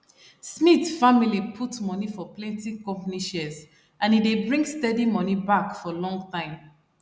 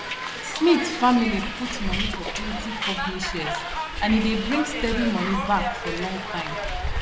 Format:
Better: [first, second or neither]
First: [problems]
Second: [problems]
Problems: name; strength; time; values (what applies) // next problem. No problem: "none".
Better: first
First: none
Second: background sound (Hiss); 3 dB below the speech